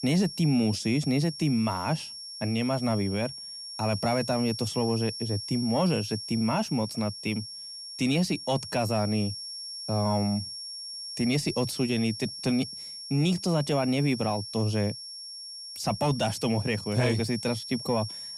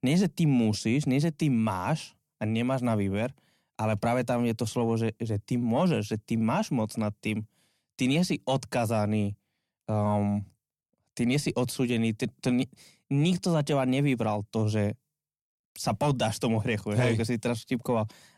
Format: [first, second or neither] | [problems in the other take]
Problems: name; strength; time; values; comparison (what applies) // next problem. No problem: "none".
second | high-pitched whine; loud; throughout; 5.5 kHz, 9 dB below the speech